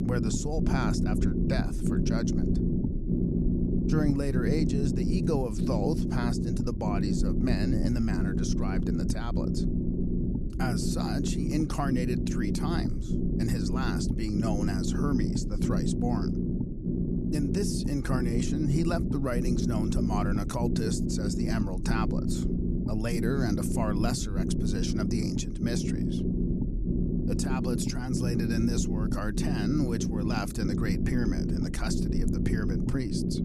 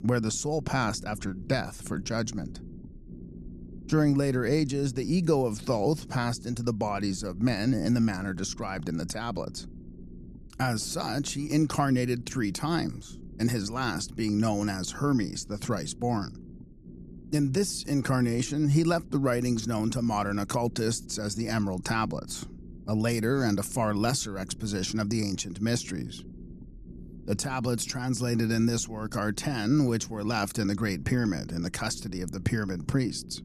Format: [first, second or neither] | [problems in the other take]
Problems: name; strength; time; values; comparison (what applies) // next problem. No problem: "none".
second | low rumble; loud; throughout; 1 dB below the speech; faint in the second